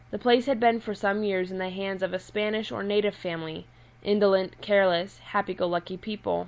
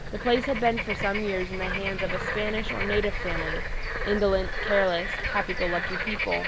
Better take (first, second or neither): first